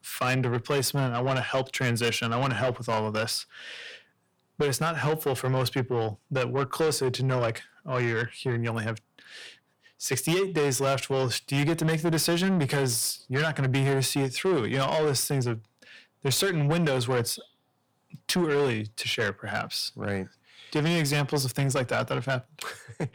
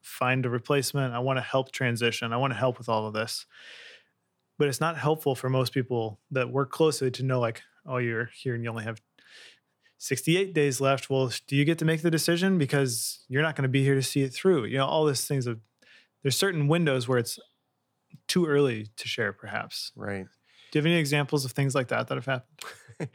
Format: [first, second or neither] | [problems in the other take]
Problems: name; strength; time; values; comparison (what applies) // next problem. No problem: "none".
second | distortion; heavy; 8 dB below the speech